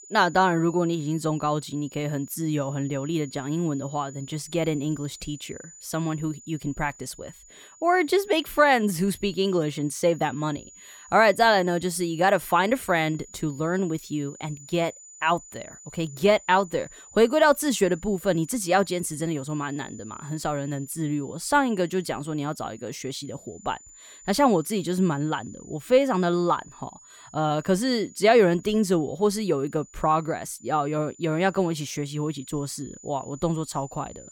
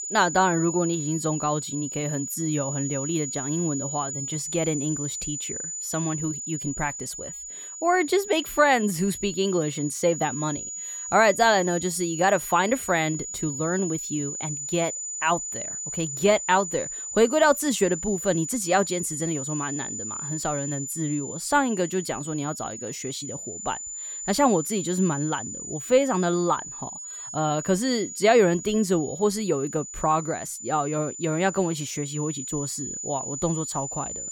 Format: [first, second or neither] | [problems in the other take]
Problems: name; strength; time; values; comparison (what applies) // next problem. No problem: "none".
first | high-pitched whine; loud; throughout; 7 kHz, 7 dB below the speech; faint in the first